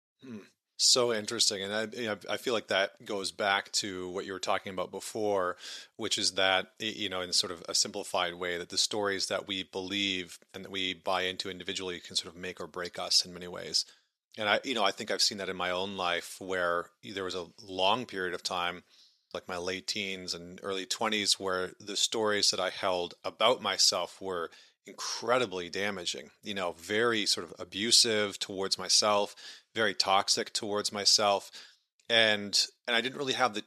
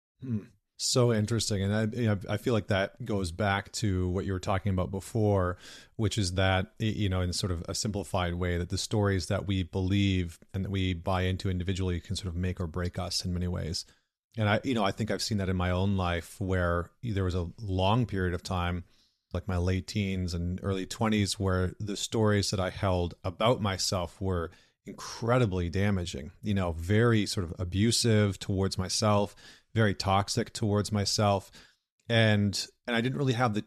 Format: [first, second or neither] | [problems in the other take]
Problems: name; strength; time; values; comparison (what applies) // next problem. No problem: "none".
second | thin; somewhat; fading below 400 Hz